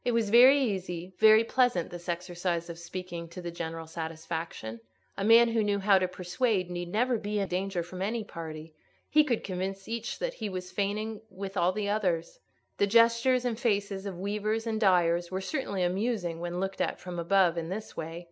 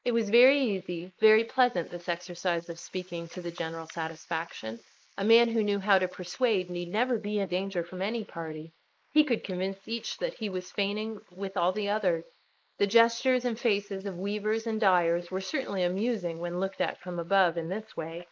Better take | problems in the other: first | noise reduction (neural mask model Resemble Enhance denoiser)

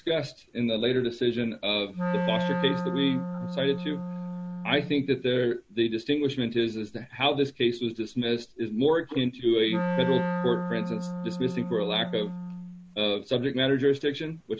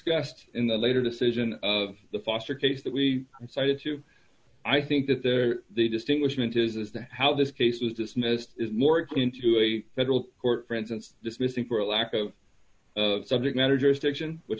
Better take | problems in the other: second | background sound (Wind instrument, woodwind instrument); 4 dB below the speech

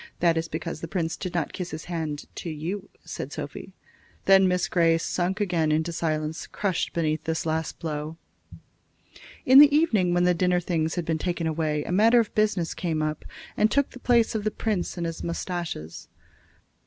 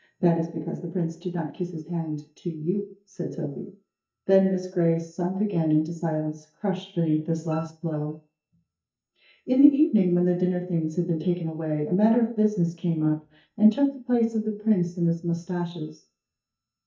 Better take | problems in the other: first | noise reduction (neural mask model DeepFilterNet 3)

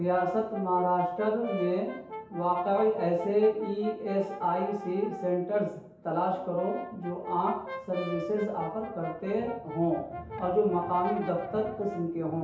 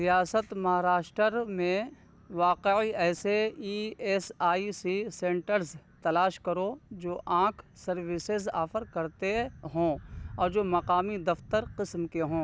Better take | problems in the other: second | background sound (Brass instrument); 12 dB below the speech // room echo; dies away in 0.8 s

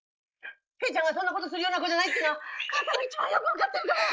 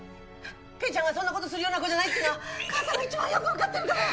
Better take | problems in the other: second | noise reduction (neural mask model Resemble Enhance denoiser)

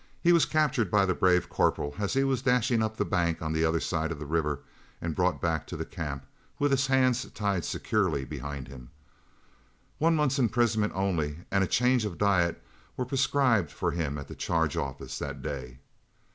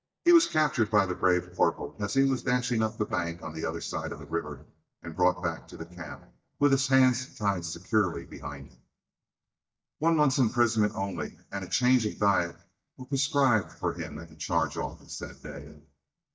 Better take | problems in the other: first | noise reduction (neural mask model DeepFilterNet 3)

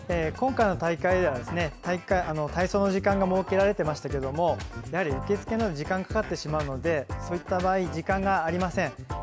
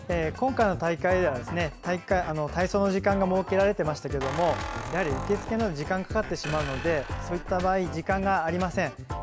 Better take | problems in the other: first | background sound (Squeak); 11 dB below the speech

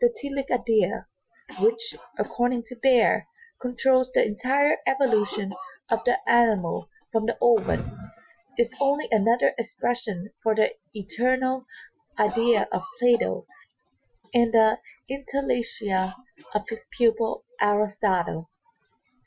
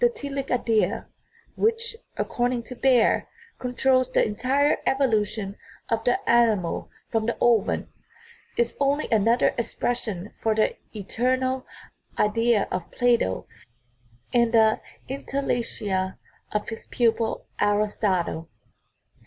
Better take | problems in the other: second | noise reduction (classical method Wiener filter)

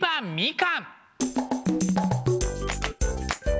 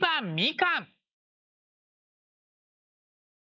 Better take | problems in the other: first | noise reduction (neural mask model Resemble Enhance denoiser)

